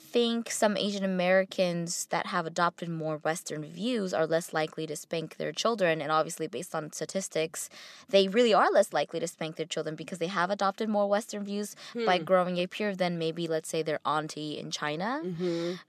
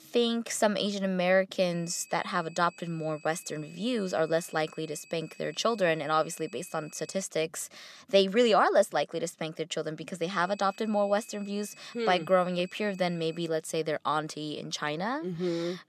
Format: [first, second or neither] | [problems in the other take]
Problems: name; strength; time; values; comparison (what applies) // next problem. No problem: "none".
first | high-pitched whine; faint; from 1.5 to 7 s and from 10 to 13 s; 2.5 kHz, 25 dB below the speech